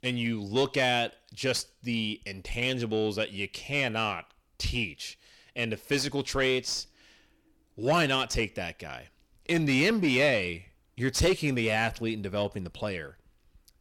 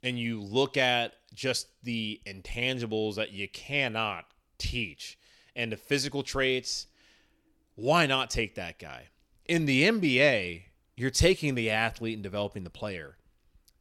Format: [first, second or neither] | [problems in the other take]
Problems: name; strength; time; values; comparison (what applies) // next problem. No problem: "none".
second | distortion; slight; 10 dB below the speech